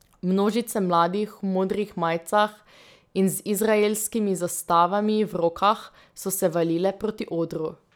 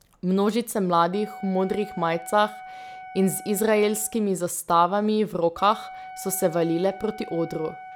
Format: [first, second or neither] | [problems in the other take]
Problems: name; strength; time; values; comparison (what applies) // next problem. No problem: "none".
first | background sound (Wind instrument, woodwind instrument); 17 dB below the speech